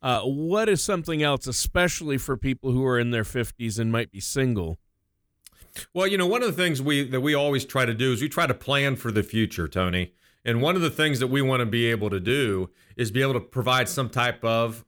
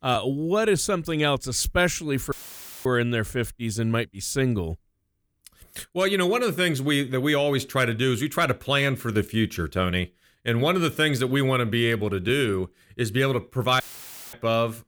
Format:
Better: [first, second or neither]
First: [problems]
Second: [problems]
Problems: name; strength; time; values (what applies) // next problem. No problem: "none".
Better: first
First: none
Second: audio cutting out; filled with static; at 2.5 s for 0.5 s and at 14 s for 0.5 s